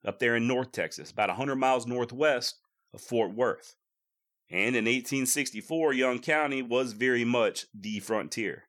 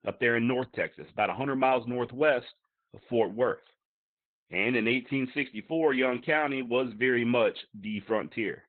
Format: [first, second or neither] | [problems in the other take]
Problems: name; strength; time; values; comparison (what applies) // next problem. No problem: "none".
first | garbled, watery; badly; nothing above 4 kHz